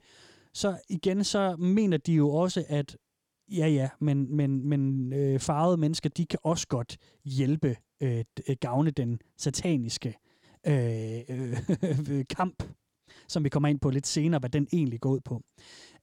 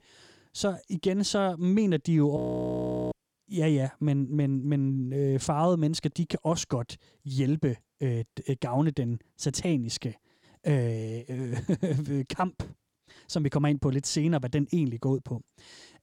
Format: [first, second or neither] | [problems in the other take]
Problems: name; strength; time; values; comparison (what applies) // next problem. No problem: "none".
first | audio freezing; at 2.5 s for 1 s